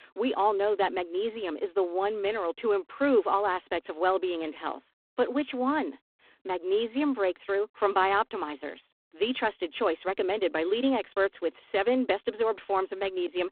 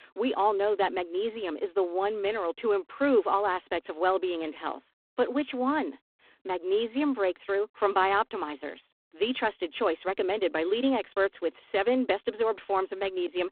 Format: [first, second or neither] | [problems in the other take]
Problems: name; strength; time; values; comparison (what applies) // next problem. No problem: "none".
neither | phone-call audio; poor line; the same in both